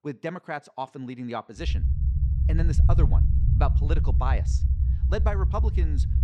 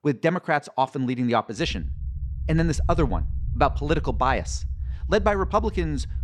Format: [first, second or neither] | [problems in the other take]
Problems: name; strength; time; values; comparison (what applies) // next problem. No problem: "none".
second | low rumble; loud; from 1.5 s on; 7 dB below the speech; faint in the second